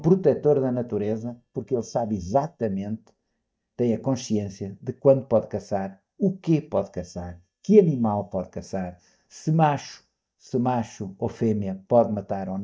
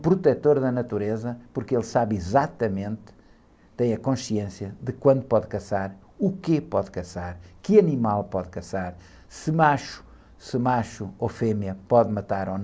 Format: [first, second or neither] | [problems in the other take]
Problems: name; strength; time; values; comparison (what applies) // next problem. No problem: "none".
second | noise reduction (neural mask model DeepFilterNet 3)